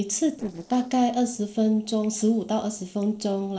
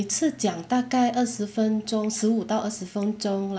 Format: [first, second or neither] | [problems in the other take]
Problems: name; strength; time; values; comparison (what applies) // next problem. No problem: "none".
second | noise reduction (neural separator model SepFormer DNS4)